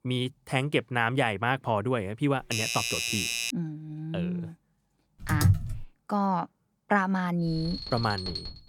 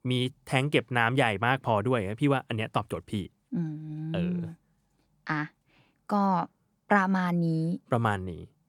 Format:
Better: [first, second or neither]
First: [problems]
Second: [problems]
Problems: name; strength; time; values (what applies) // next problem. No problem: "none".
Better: second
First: doorbell; loud; from 2.5 to 3.5 s; peak 2 dB above the speech // keyboard typing; loud; at 5.5 s; peak 5 dB above the speech // alarm; noticeable; from 7.5 s on; peak 4 dB below the speech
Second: none